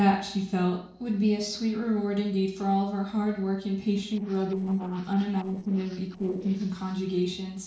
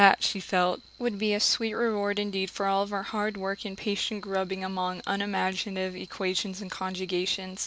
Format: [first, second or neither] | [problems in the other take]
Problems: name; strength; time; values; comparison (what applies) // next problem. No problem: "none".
second | noise reduction (neural separator model SepFormer DNS4)